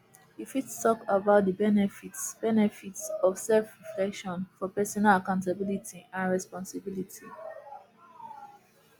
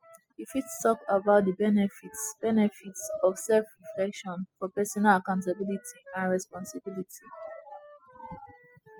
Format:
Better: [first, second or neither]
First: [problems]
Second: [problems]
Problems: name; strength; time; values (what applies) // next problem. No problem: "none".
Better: first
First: none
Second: noise reduction (classical method spectral subtraction)